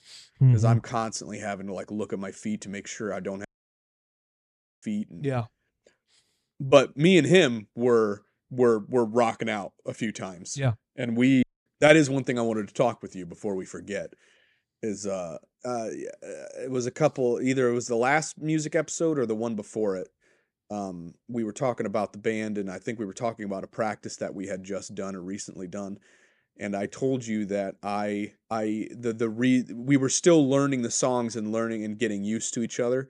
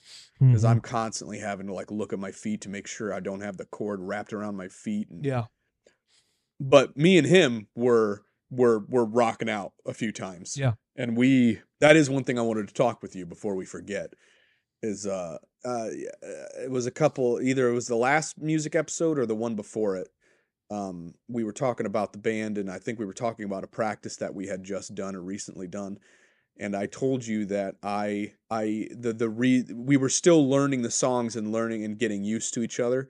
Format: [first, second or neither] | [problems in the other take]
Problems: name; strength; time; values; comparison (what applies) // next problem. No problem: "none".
second | audio cutting out; at 3.5 s for 1.5 s and at 11 s